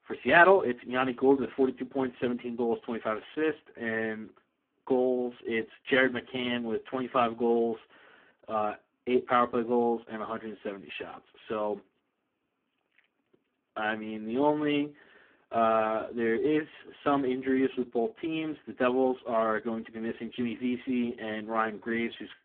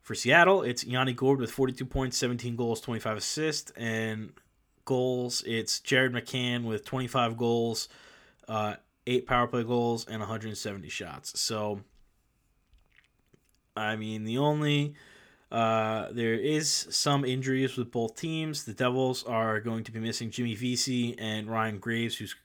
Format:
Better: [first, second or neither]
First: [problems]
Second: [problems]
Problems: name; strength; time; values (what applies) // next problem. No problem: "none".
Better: second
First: phone-call audio; poor line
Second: none